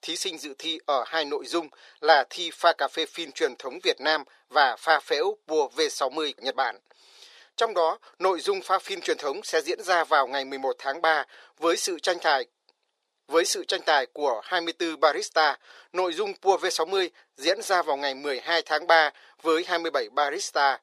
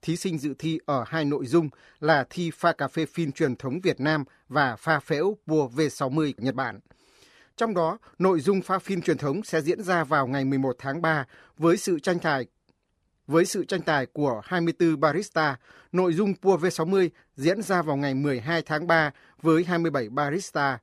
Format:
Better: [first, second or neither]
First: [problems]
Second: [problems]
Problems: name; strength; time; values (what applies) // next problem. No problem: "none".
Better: second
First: thin; very; fading below 450 Hz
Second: none